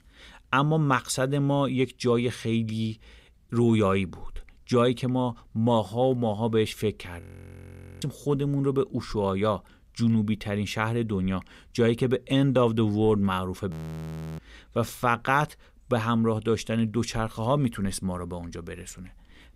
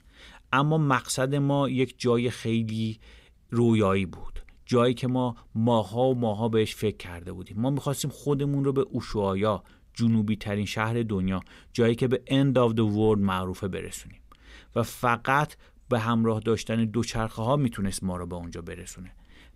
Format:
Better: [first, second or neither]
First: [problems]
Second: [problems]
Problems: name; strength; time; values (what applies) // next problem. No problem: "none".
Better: second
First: audio freezing; at 7 s for 1 s and at 14 s for 0.5 s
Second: none